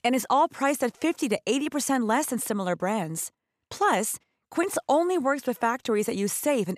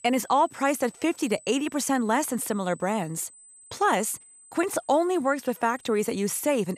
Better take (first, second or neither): first